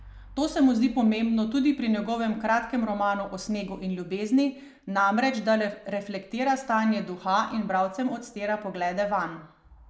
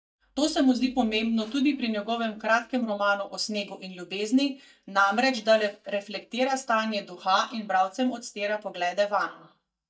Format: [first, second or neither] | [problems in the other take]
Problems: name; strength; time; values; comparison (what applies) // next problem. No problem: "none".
first | noise reduction (neural mask model DeepFilterNet 3)